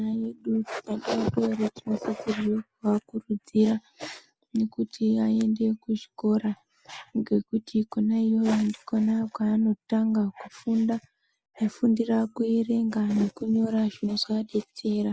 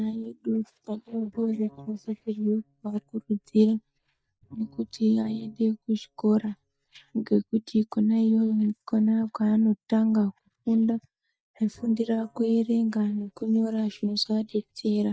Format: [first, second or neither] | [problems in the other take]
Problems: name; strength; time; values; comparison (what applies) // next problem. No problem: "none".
first | noise reduction (neural mask model DeepFilterNet 3)